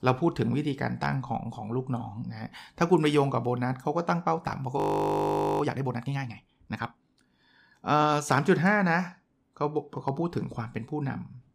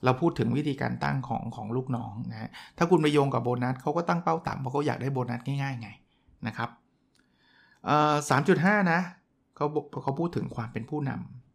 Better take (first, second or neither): second